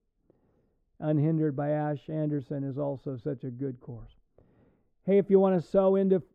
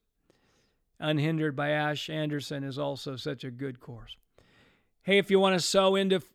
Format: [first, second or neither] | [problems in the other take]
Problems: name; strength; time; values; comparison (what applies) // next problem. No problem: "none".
second | muffled; very; fading above 1.5 kHz